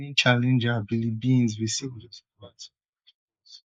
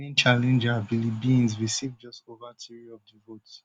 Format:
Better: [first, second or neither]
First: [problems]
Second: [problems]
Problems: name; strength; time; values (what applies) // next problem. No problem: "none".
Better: second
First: noise reduction (neural mask model Resemble Enhance denoiser)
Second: none